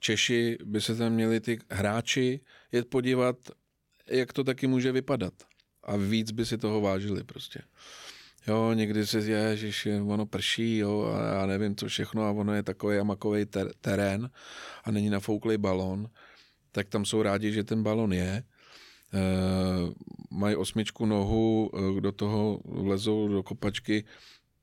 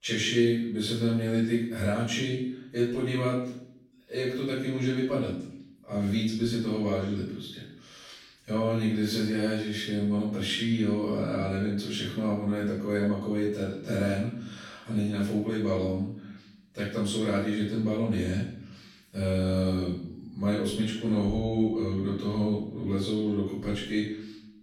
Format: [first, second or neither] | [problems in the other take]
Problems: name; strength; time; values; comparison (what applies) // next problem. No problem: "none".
first | off-mic speech; far // room echo; noticeable; dies away in 0.6 s